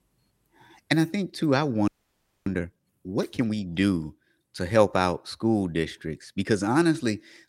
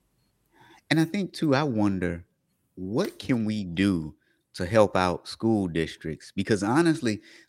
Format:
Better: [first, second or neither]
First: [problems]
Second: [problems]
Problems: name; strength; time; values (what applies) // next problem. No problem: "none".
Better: second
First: audio freezing; at 2 s for 0.5 s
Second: none